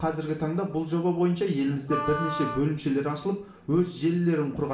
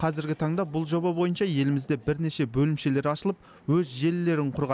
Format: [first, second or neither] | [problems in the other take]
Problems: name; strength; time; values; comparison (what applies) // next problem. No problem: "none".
second | background sound (Wind instrument, woodwind instrument); 7 dB below the speech // room echo; dies away in 0.5 s